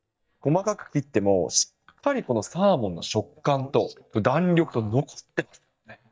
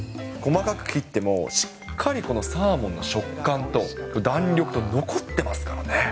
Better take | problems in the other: second | noise reduction (neural mask model DeepFilterNet 3)

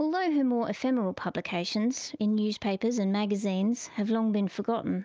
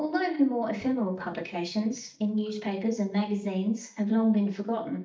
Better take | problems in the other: first | noise reduction (neural mask model DeepFilterNet 3)

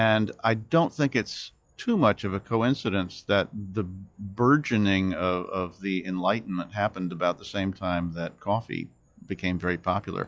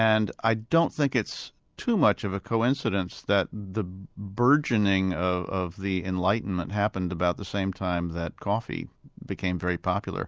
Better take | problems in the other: second | noise reduction (classical method log-MMSE)

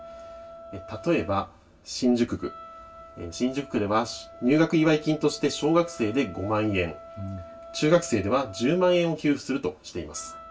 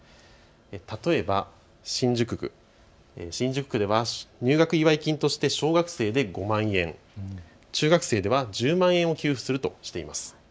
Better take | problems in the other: second | background sound (Wind instrument, woodwind instrument); 19 dB below the speech // room echo; dies away in 0.1 s

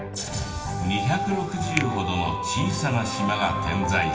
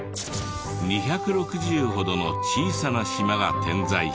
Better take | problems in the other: second | background sound (Finger snapping); 14 dB below the speech // room echo; dies away in 2.1 s

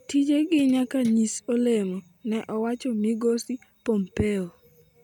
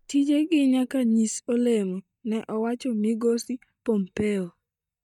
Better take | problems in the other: first | noise reduction (neural mask model DeepFilterNet 3)

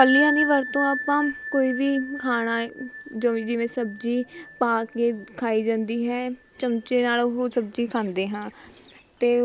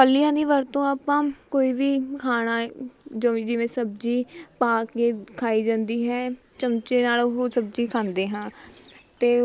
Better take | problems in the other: second | background sound (Bell); 9 dB below the speech

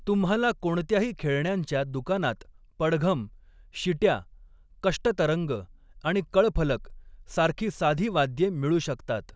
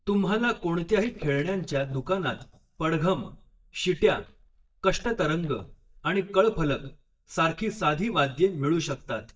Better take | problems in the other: first | noise reduction (neural mask model DeepFilterNet 3)

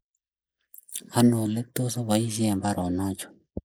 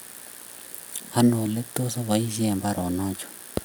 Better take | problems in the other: second | noise reduction (neural mask model Resemble Enhance denoiser)

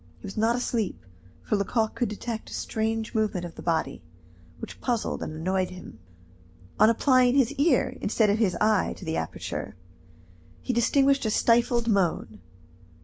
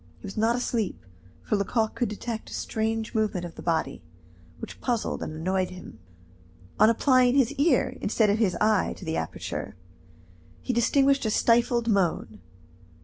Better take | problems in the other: second | background sound (Whoosh, swoosh, swish); 3 dB below the speech

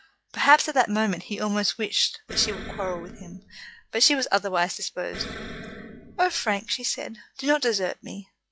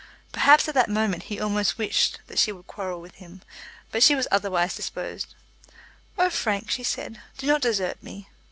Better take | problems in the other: second | noise reduction (classical method log-MMSE)

